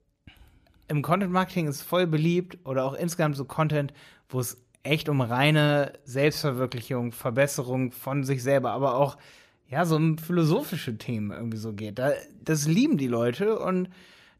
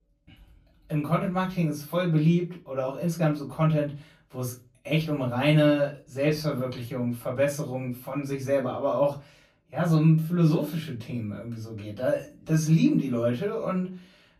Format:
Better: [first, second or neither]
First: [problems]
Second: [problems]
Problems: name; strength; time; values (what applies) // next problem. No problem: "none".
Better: first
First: none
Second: off-mic speech; far // room echo; very slight; dies away in 0.3 s